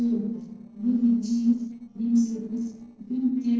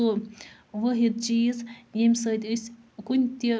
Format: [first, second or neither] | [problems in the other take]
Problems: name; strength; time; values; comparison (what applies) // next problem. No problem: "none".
second | noise reduction (neural separator model SepFormer DNS4)